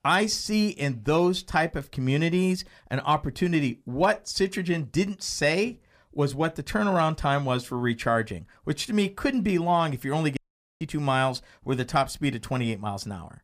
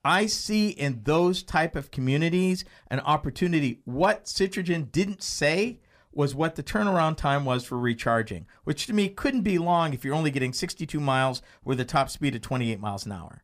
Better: second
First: audio cutting out; at 10 s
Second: none

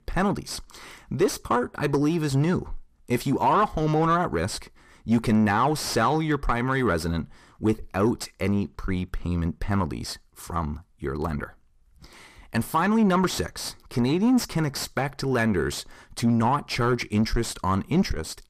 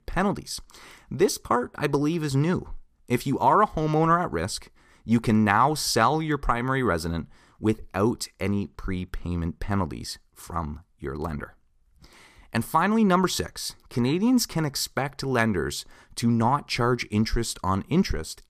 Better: second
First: distortion; slight; 10 dB below the speech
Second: none

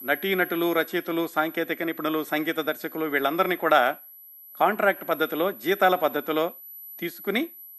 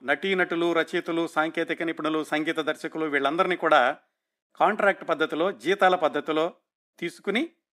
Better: second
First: high-pitched whine; noticeable; throughout; 12 kHz, 15 dB below the speech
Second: none

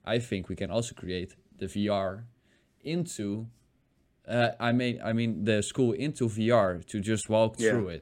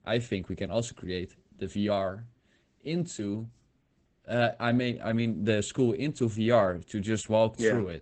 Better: first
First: none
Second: garbled, watery; badly; nothing above 8 kHz

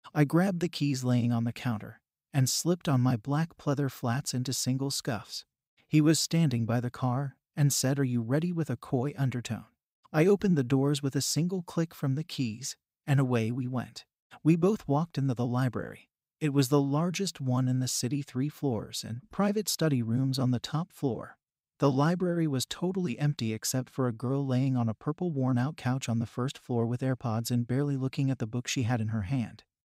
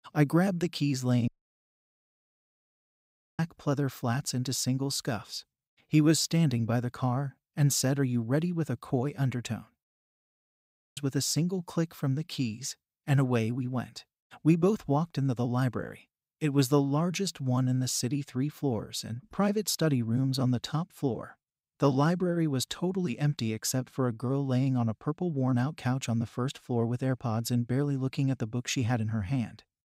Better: first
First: none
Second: audio cutting out; at 1.5 s for 2 s and at 10 s for 1 s

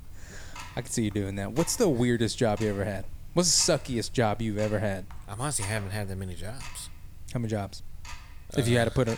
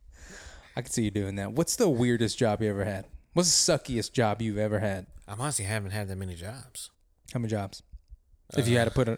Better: second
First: household noises; noticeable; throughout; 20 dB below the speech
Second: none

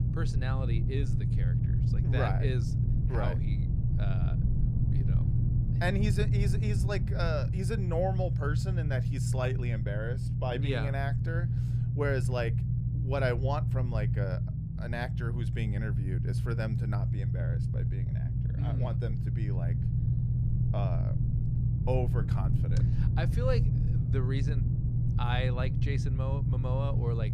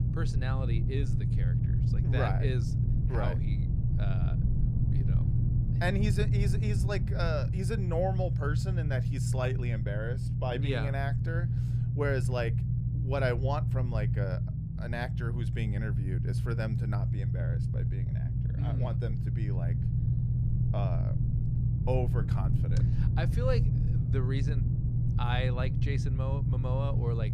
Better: neither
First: low rumble; loud; throughout; 5 dB below the speech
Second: low rumble; loud; throughout; 5 dB below the speech

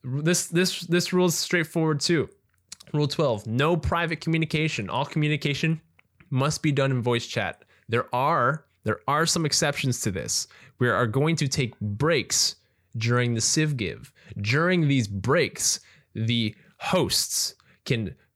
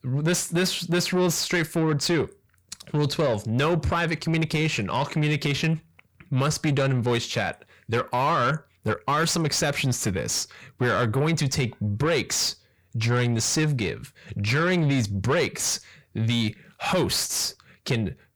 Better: first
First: none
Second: distortion; slight; 10 dB below the speech

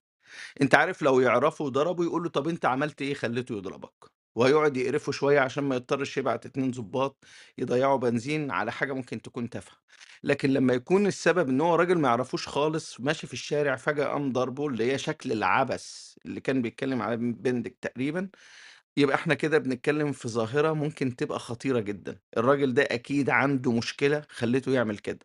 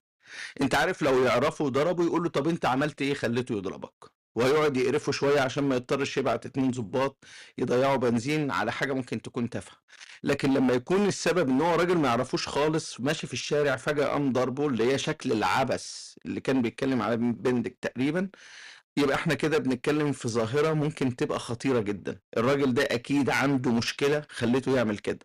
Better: first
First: none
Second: distortion; heavy; 12% of the sound clipped

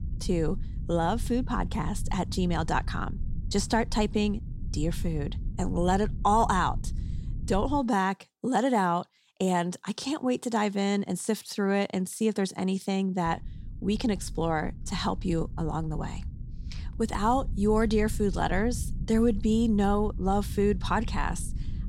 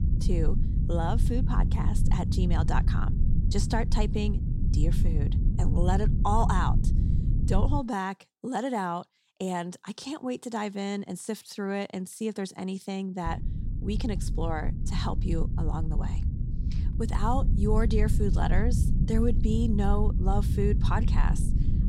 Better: first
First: low rumble; faint; until 8 s and from 13 s on; 20 dB below the speech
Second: low rumble; loud; until 8 s and from 13 s on; 8 dB below the speech

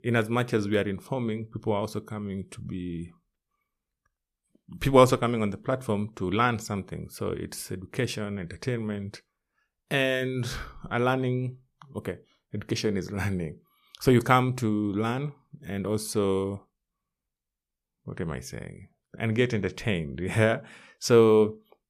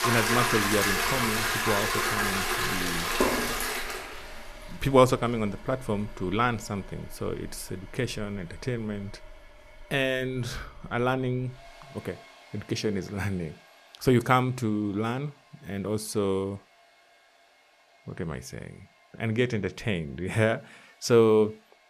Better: first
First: none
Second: household noises; very loud; throughout; 2 dB above the speech

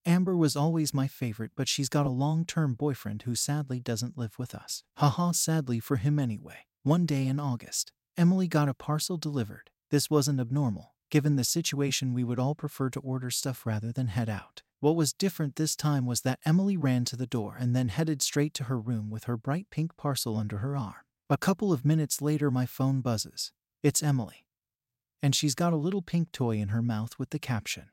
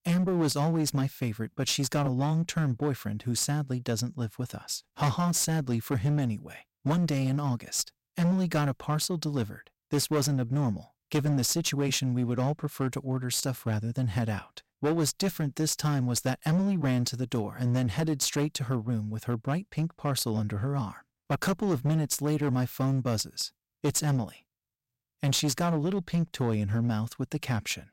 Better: first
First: none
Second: distortion; slight; 11% of the sound clipped

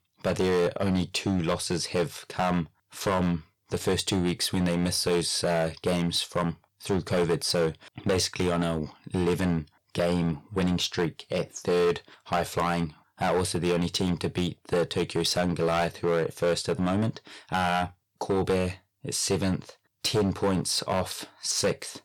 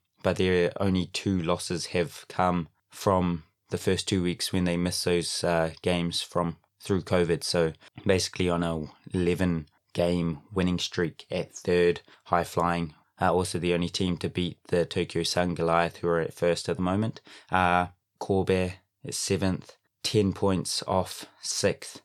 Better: second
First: distortion; heavy; 8% of the sound clipped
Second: none

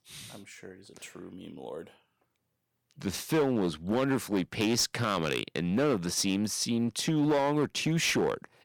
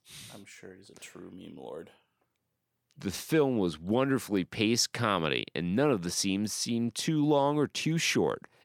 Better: second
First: distortion; slight; 6% of the sound clipped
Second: none

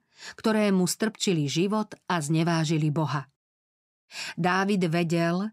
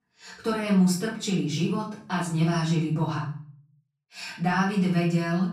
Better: first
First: none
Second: off-mic speech; far // room echo; slight; dies away in 0.4 s

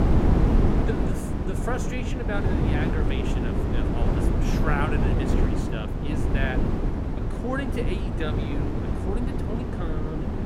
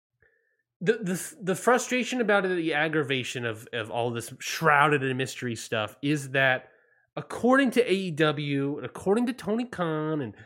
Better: second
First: wind noise on the microphone; heavy; 2 dB above the speech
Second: none

